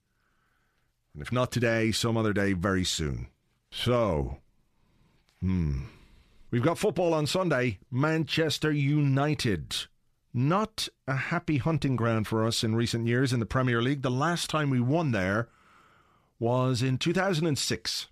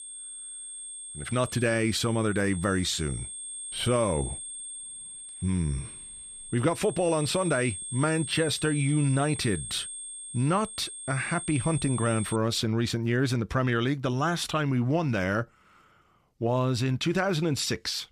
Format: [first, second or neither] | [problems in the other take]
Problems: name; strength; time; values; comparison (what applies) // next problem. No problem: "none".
first | high-pitched whine; loud; until 12 s; 8.5 kHz, 9 dB below the speech